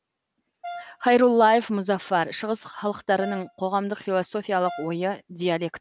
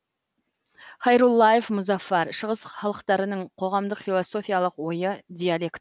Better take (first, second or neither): second